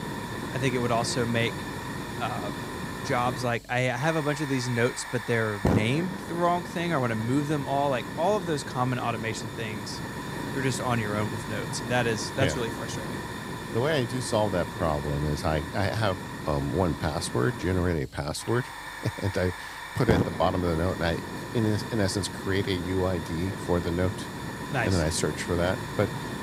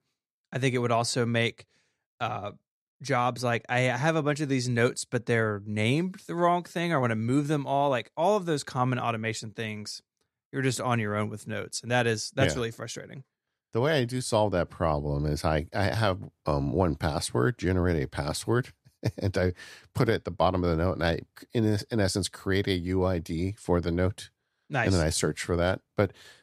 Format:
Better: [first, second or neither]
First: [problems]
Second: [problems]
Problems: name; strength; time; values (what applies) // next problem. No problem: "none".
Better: second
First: hiss; loud; throughout; 6 dB below the speech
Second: none